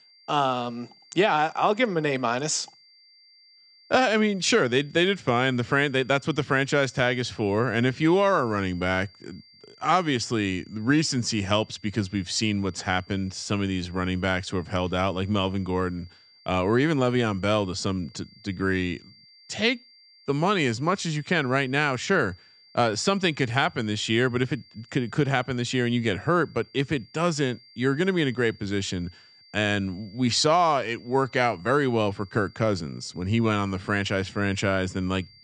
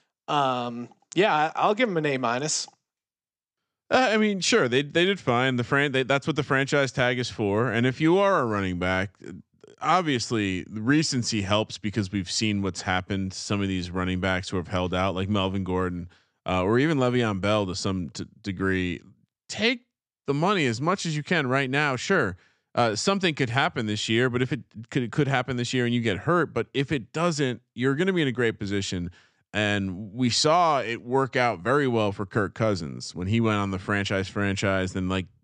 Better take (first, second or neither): second